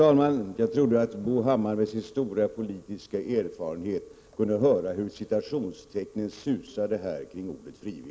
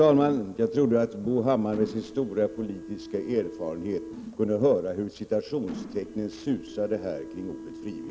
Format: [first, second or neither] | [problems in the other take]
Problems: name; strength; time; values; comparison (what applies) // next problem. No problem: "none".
first | background sound (Mechanisms); 15 dB below the speech